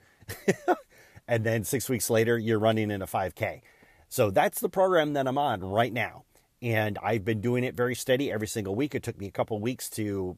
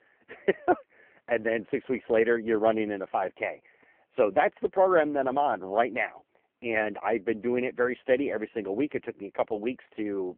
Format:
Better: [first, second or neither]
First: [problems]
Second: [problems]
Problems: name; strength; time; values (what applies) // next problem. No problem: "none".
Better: first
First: none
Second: phone-call audio; poor line